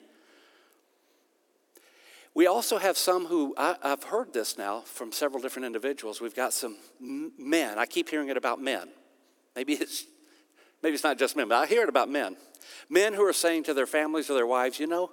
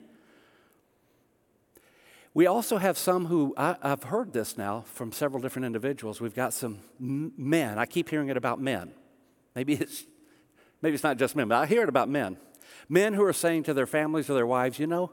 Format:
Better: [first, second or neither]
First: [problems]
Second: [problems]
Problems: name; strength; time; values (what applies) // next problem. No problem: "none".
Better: second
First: thin; very slightly; fading below 300 Hz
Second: none